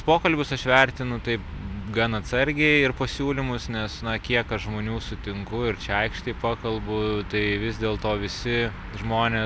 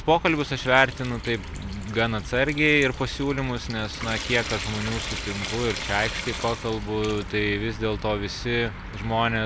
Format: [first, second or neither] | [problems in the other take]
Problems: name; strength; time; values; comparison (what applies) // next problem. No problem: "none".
first | background sound (Trickle, dribble / Sink (filling or washing) / Water tap, faucet); 12 dB below the speech